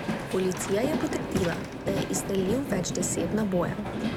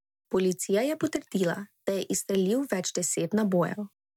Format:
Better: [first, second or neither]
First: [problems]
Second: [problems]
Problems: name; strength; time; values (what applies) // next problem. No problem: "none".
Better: second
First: background sound (Train); 2 dB below the speech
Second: none